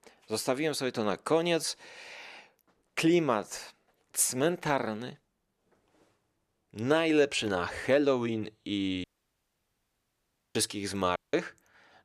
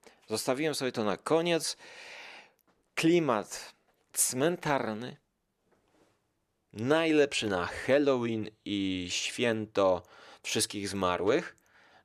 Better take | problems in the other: second | audio cutting out; at 9 s for 1.5 s and at 11 s

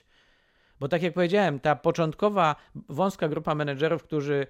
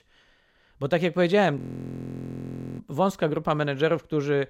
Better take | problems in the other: first | audio freezing; at 1.5 s for 1 s

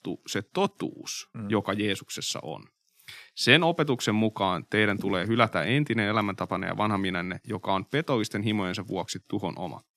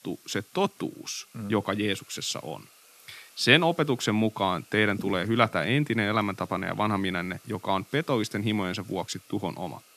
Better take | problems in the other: first | hiss; faint; throughout; 25 dB below the speech

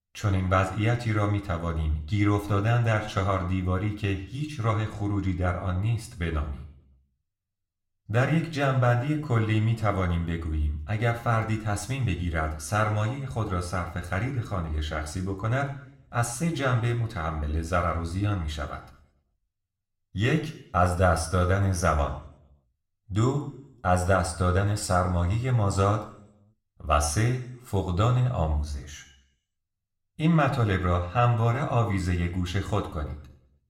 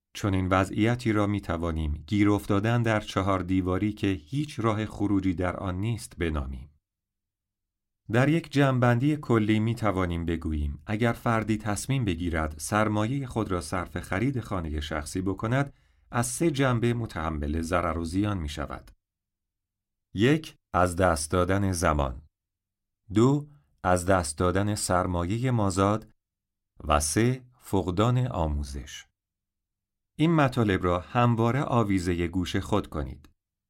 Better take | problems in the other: second | room echo; slight; dies away in 0.6 s

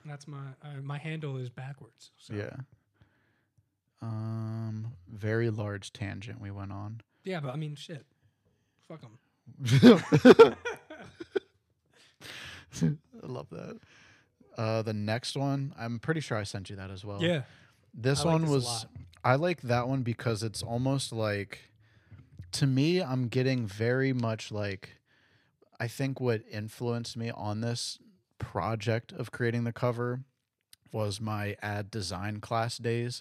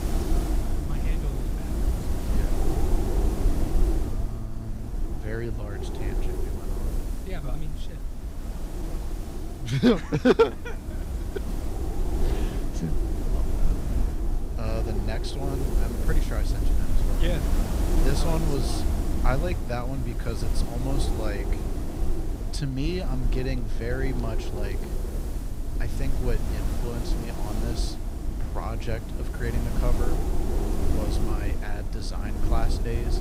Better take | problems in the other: first | wind noise on the microphone; heavy; 5 dB below the speech

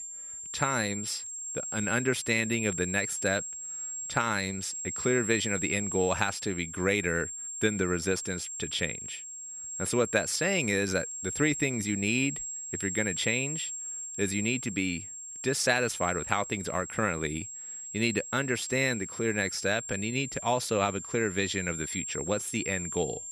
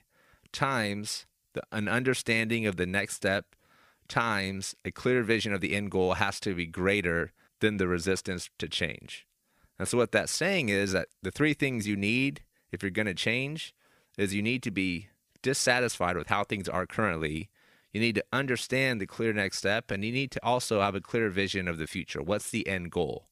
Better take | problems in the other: second | high-pitched whine; loud; throughout; 7.5 kHz, 5 dB below the speech

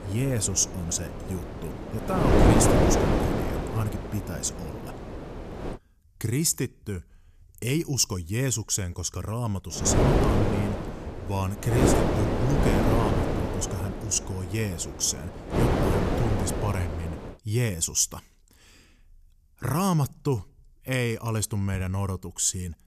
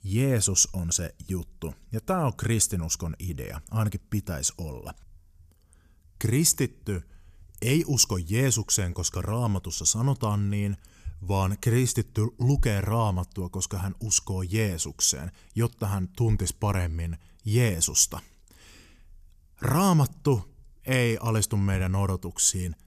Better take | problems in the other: second | wind noise on the microphone; heavy; until 5.5 s and from 9.5 to 17 s; 3 dB above the speech

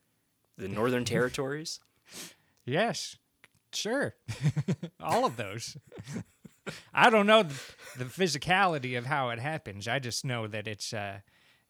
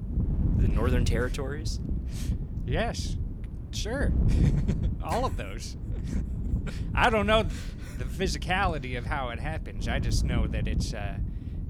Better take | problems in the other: first | wind noise on the microphone; occasional gusts; 15 dB below the speech

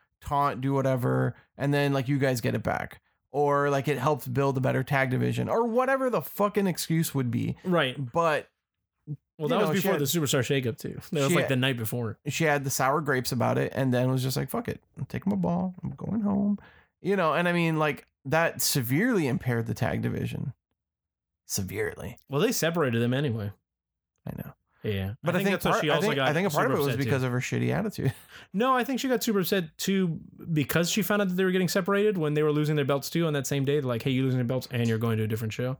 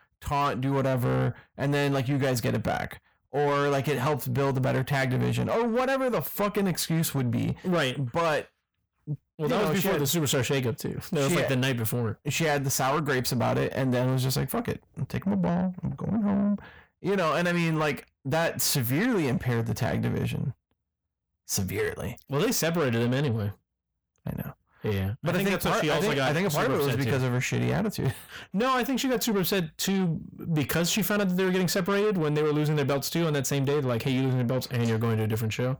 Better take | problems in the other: first | distortion; slight; 10 dB below the speech

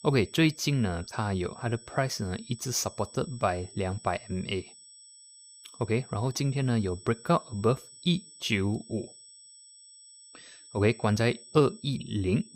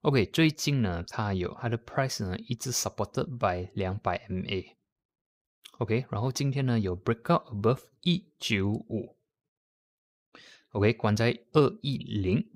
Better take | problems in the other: second | high-pitched whine; noticeable; throughout; 8 kHz, 20 dB below the speech

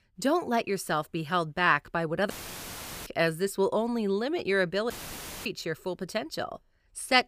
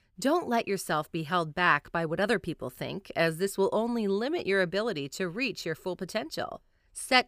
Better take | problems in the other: second | audio cutting out; filled with static; at 2.5 s for 1 s and at 5 s for 0.5 s

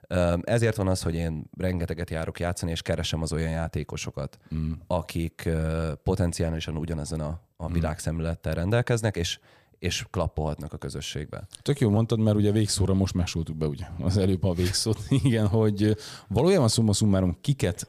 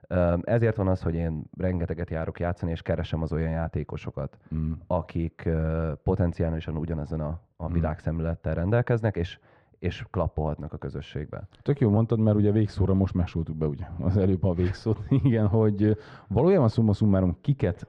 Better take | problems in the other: first | muffled; very; fading above 1.5 kHz

